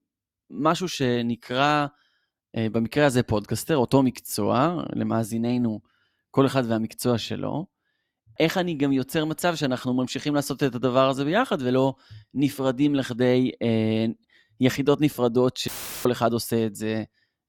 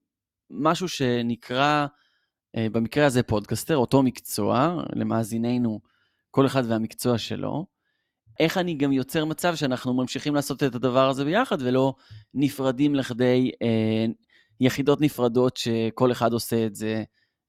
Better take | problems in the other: second | audio cutting out; filled with static; at 16 s

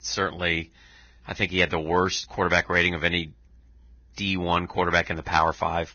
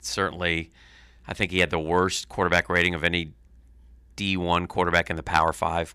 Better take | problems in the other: second | garbled, watery; badly; nothing above 6.5 kHz

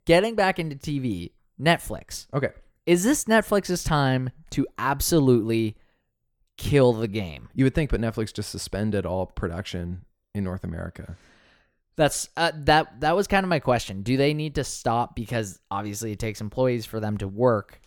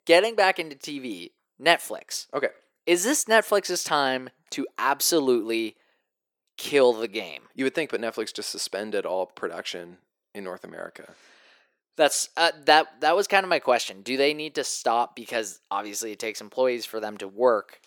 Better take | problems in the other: first | thin; somewhat; fading below 350 Hz

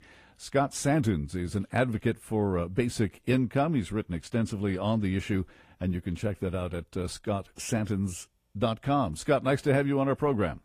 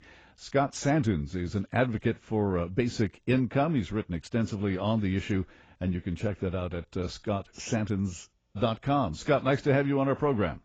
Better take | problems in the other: first | garbled, watery; badly; nothing above 7.5 kHz; slightly in the first

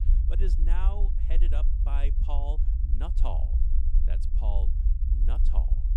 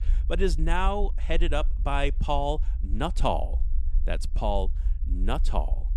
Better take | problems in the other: second | low rumble; loud; throughout; 6 dB below the speech; faint in the second

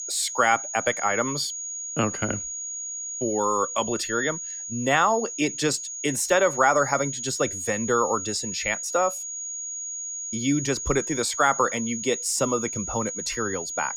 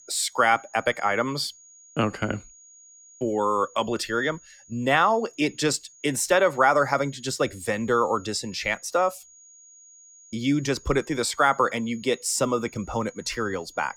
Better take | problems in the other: second | high-pitched whine; loud; throughout; 6.5 kHz, 6 dB below the speech; faint in the second

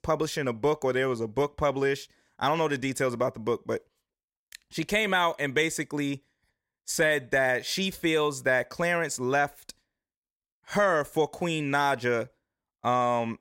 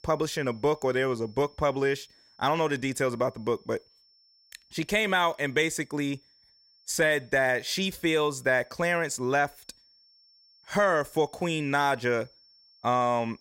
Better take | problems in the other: first | high-pitched whine; faint; throughout; 5.5 kHz, 30 dB below the speech

